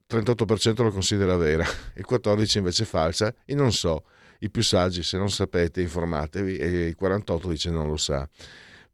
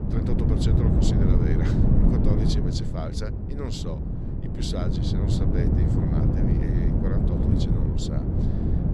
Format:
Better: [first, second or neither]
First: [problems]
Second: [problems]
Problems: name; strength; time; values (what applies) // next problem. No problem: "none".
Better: first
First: none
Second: wind noise on the microphone; heavy; 4 dB above the speech